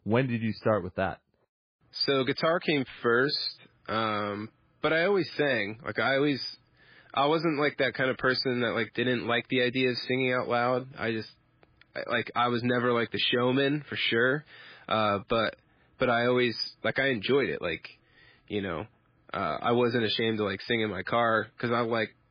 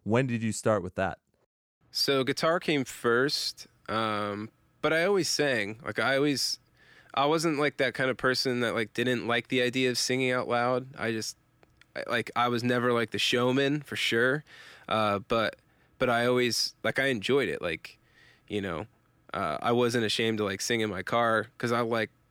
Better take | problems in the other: second | garbled, watery; badly; nothing above 5 kHz

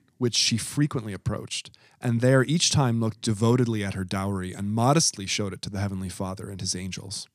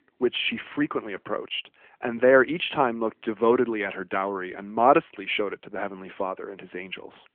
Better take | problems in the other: first | phone-call audio; nothing above 3.5 kHz

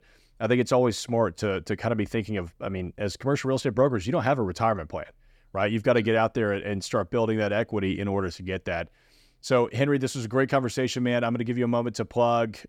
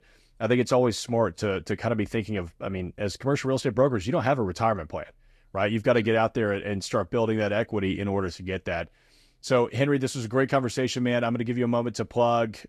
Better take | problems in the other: first | garbled, watery; slightly

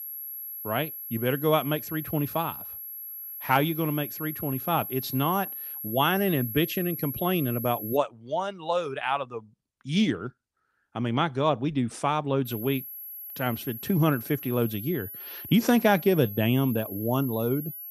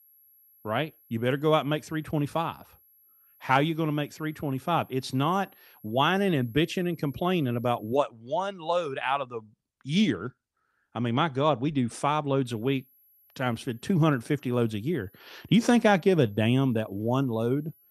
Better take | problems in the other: second | high-pitched whine; loud; until 8 s and from 12 s on; 11.5 kHz, 8 dB below the speech; faint in the second

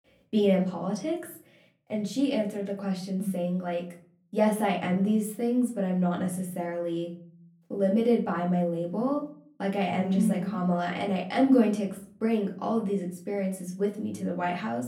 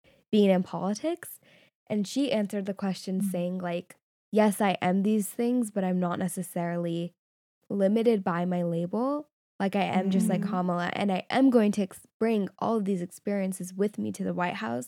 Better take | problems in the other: second | off-mic speech; far // room echo; very slight; dies away in 0.4 s

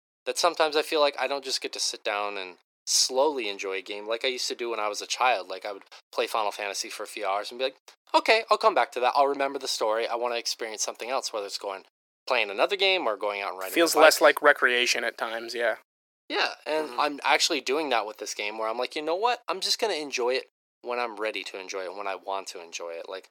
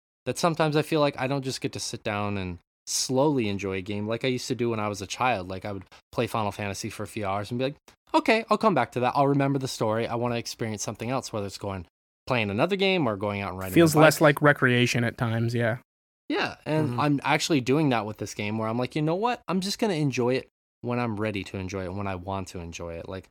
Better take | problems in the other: second | thin; very; fading below 400 Hz

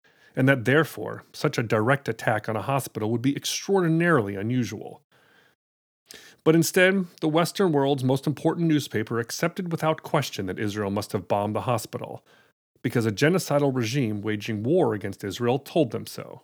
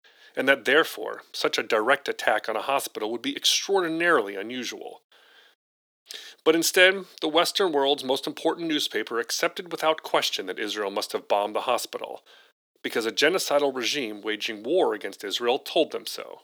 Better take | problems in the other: first | thin; somewhat; fading below 350 Hz

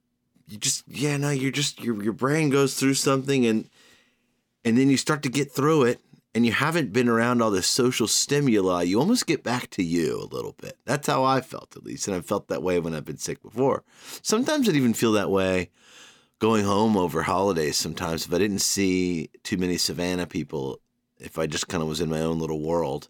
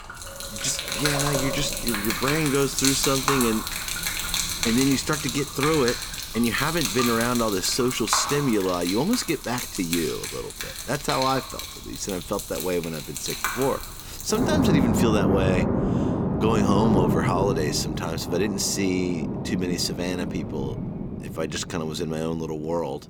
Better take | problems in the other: first | rain or running water; loud; throughout; 2 dB below the speech

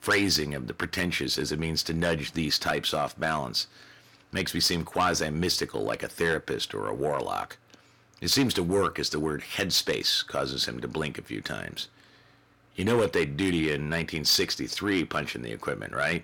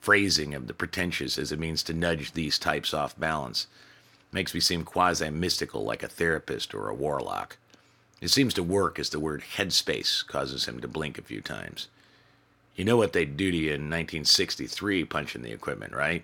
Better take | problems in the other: second | distortion; slight; 10 dB below the speech

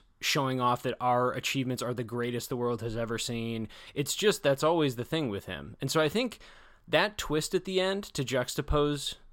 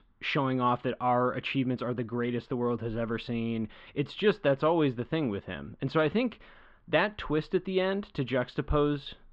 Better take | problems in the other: first | muffled; very; fading above 3 kHz

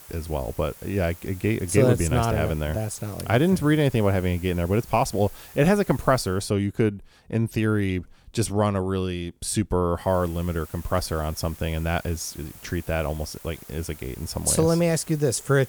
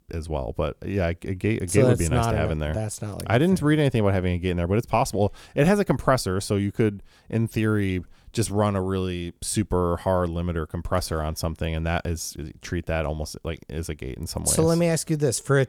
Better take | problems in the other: second | hiss; noticeable; until 6.5 s and from 10 s on; 20 dB below the speech

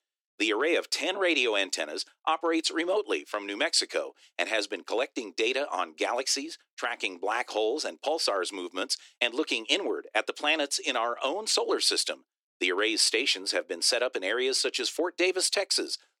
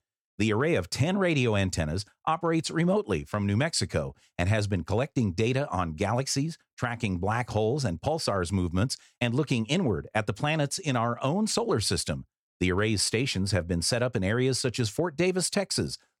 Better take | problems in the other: second | thin; very; fading below 300 Hz

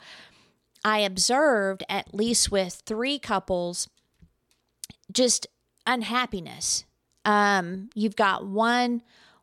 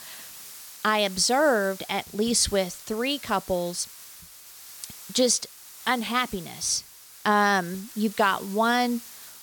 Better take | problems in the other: first | hiss; noticeable; throughout; 15 dB below the speech

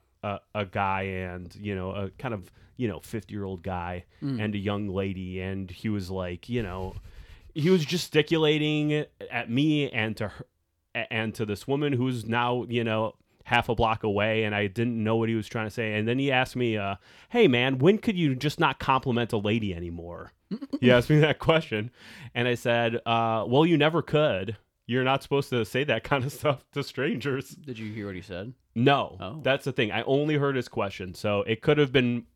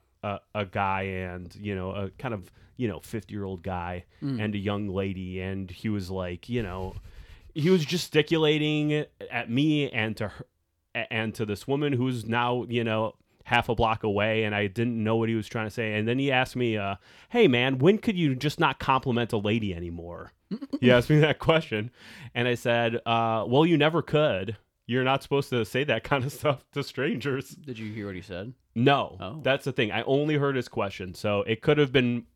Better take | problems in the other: neither | none

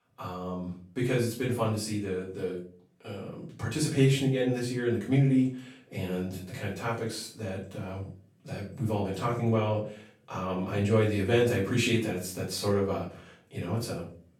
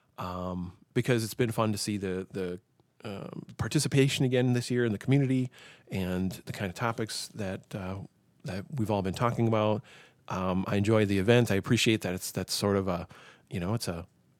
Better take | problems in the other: second | room echo; slight; dies away in 0.4 s // off-mic speech; far

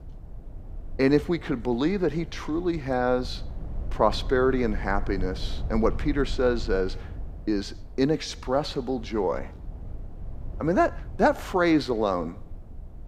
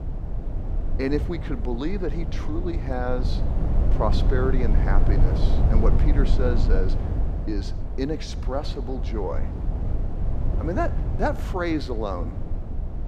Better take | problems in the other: first | low rumble; loud; throughout; 7 dB below the speech; faint in the first

